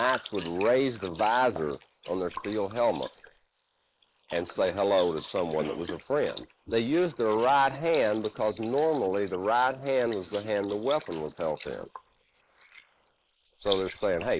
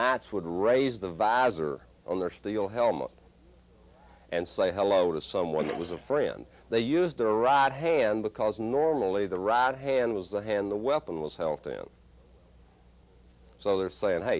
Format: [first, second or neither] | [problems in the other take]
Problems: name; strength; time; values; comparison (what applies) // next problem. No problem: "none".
second | noise reduction (neural mask model Resemble Enhance denoiser)